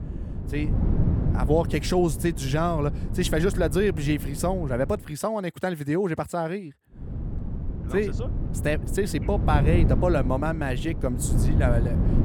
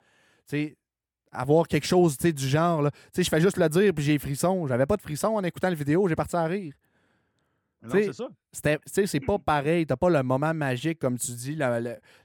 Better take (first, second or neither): second